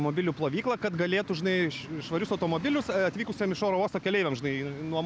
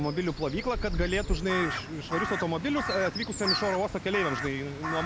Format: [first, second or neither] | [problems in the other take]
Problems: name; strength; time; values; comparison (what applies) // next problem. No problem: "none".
first | background sound (Crow); 4 dB below the speech